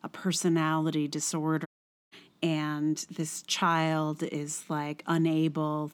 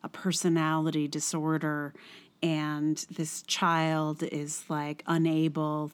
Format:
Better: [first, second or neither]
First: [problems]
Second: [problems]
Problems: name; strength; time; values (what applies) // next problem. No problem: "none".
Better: second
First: audio cutting out; at 1.5 s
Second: none